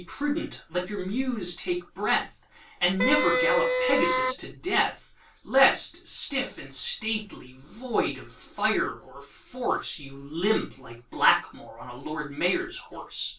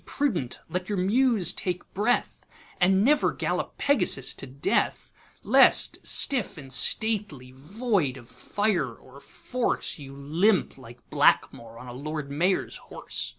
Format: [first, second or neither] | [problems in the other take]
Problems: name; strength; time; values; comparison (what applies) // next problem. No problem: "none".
second | background sound (Wind instrument, woodwind instrument); 3 dB above the speech // room echo; dies away in 0.2 s